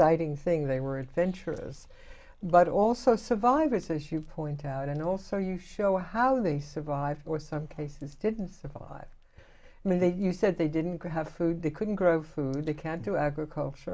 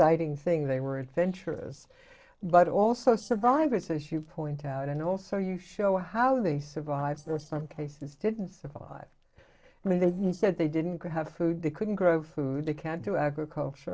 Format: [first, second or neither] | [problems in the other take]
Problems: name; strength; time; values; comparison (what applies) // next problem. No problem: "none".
first | noise reduction (neural separator model SepFormer DNS4)